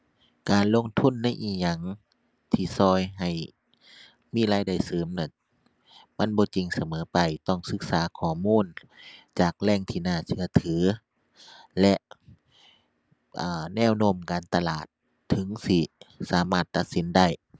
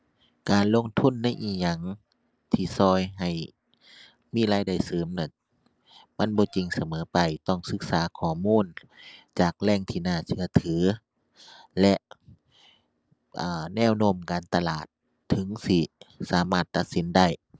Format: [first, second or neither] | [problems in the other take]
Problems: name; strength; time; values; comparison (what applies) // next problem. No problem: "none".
first | noise reduction (neural separator model SepFormer DNS4)